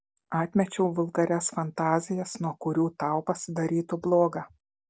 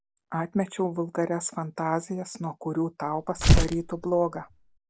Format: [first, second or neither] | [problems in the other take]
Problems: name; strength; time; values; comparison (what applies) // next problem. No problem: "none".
first | background sound (Tearing); 5 dB above the speech